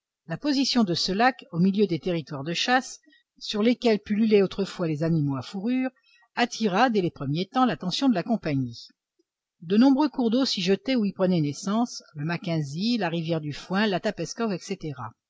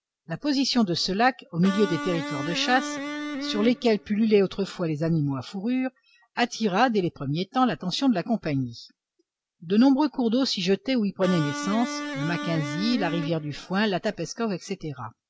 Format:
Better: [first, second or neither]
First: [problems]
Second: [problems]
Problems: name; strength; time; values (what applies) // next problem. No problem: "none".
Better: first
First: none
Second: background sound (Electric guitar); 8 dB below the speech